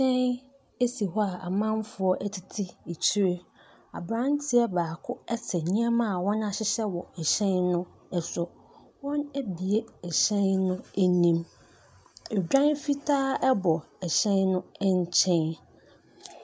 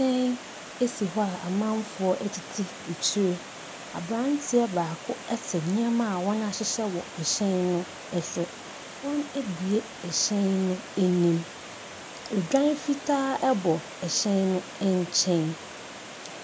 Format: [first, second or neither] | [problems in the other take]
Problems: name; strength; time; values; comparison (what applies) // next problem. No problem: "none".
first | background sound (Water); 13 dB below the speech